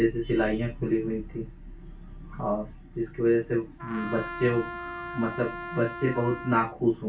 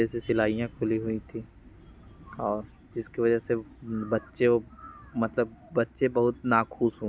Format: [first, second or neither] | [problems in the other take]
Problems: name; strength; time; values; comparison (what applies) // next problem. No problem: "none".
second | background sound (Trumpet); 10 dB below the speech // room echo; dies away in 0.2 s